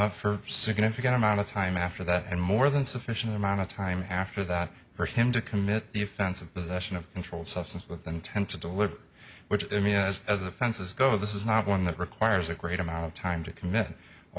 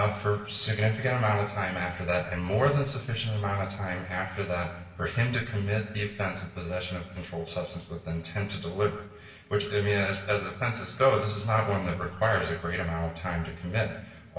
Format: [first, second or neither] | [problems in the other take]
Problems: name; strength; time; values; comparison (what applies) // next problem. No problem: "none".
first | room echo; dies away in 1 s